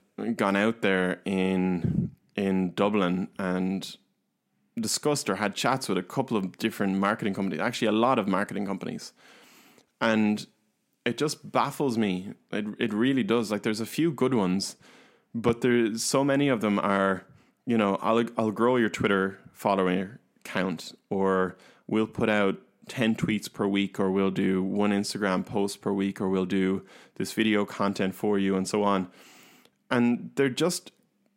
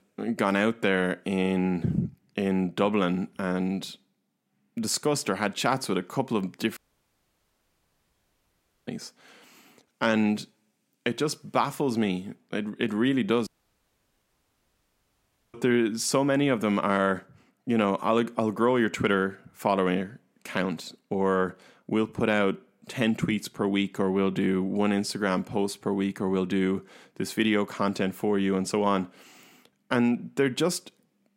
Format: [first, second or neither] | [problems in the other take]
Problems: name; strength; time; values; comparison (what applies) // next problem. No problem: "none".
first | audio cutting out; at 7 s for 2 s and at 13 s for 2 s